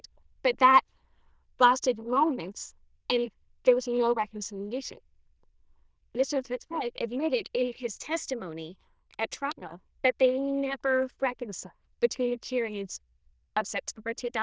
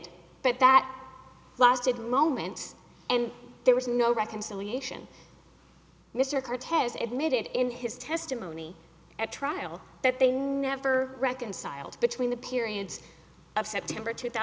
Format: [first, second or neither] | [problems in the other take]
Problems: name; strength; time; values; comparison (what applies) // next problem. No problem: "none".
second | noise reduction (neural diffusion model UNIVERSE++)